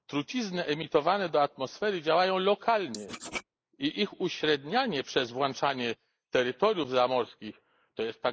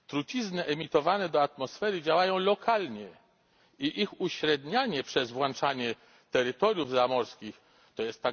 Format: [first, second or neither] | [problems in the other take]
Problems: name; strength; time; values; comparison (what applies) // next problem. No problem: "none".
second | noise reduction (neural mask model Resemble Enhance denoiser)